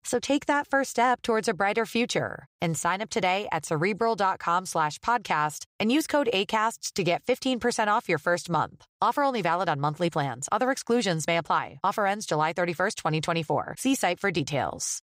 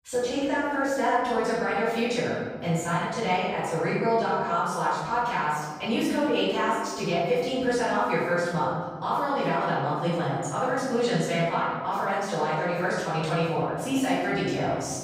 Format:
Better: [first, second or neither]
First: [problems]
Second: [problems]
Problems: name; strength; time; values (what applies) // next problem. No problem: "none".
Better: first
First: none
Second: off-mic speech; far // room echo; strong; dies away in 1.7 s